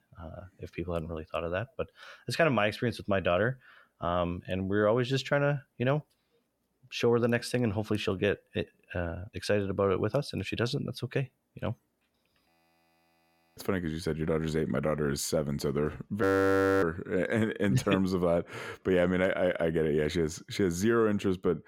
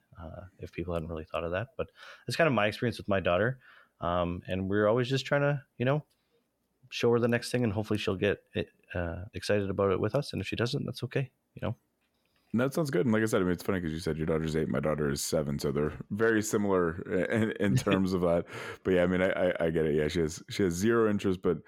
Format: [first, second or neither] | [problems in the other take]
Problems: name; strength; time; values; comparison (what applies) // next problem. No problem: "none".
second | audio freezing; at 12 s for 1 s and at 16 s for 0.5 s